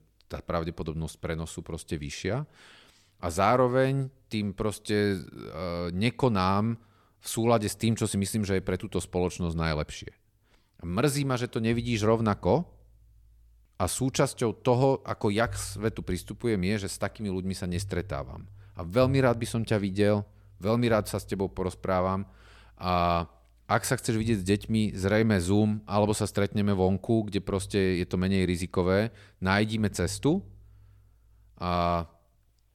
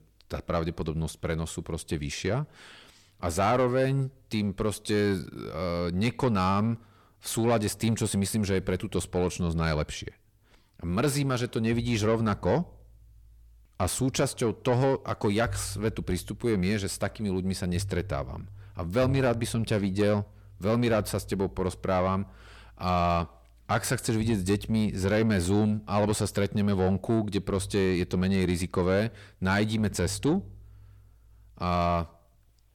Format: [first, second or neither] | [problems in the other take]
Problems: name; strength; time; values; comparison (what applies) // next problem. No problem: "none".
first | distortion; slight; 10 dB below the speech